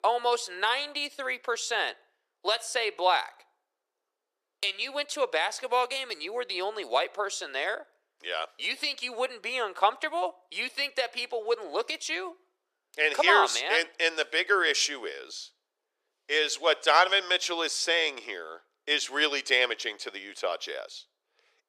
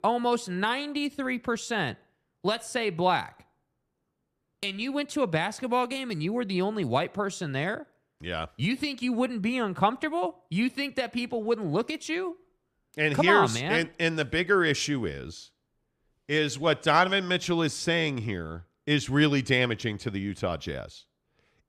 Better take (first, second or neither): second